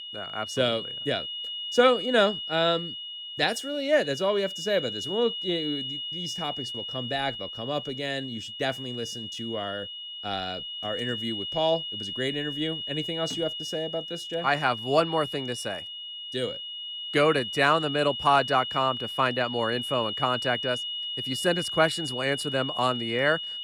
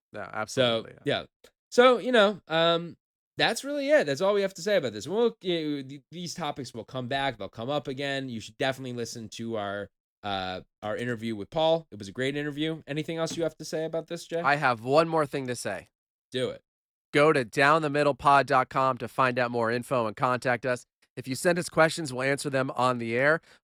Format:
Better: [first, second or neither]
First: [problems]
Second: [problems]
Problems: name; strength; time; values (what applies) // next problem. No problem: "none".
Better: second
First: high-pitched whine; loud; throughout; 3 kHz, 5 dB below the speech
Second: none